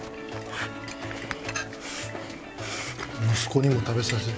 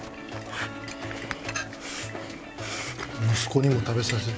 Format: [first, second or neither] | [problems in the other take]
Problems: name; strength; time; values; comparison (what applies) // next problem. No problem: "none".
second | background sound (Accordion); 19 dB below the speech